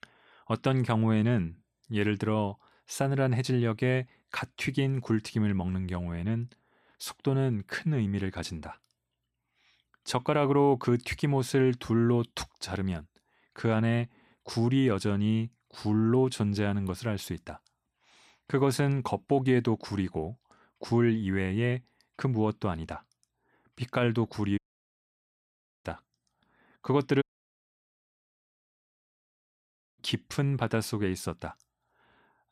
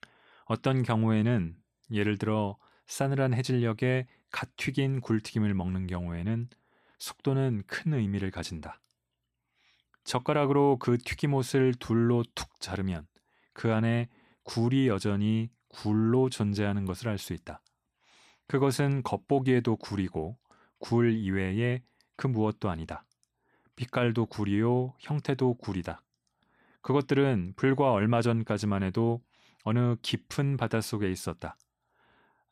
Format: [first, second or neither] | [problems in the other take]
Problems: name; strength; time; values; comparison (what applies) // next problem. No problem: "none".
second | audio cutting out; at 25 s for 1.5 s and at 27 s for 3 s